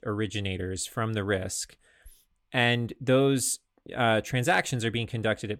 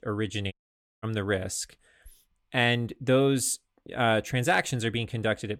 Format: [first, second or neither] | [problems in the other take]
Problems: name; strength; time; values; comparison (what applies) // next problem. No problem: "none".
first | audio cutting out; at 0.5 s for 0.5 s